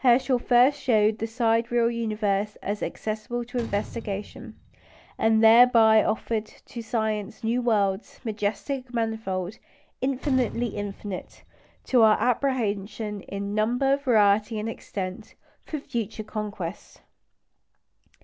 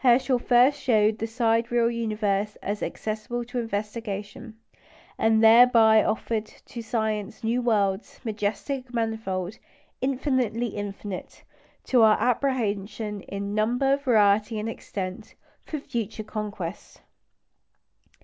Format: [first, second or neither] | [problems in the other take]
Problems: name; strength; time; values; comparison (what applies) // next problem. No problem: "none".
second | background sound (Slam); 19 dB below the speech